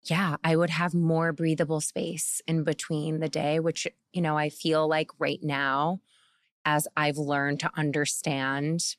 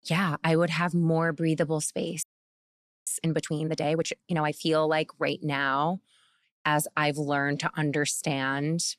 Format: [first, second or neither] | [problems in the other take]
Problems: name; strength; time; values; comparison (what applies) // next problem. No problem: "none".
first | audio freezing; at 2 s for 1 s